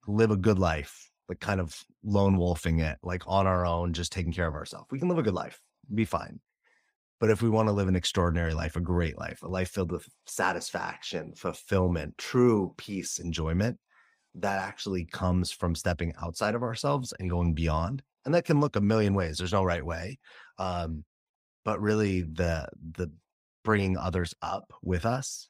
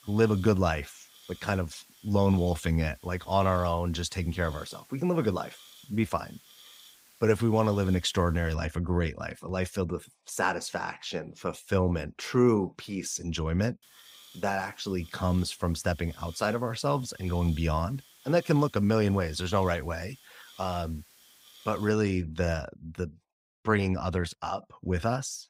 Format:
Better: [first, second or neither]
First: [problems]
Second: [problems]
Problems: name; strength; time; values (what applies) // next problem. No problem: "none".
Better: first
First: none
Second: hiss; faint; until 8.5 s and from 14 to 22 s; 25 dB below the speech